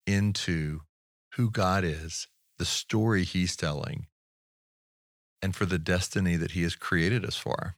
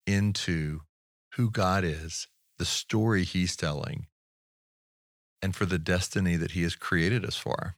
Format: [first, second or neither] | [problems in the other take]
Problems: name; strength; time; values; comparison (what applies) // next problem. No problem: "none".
neither | none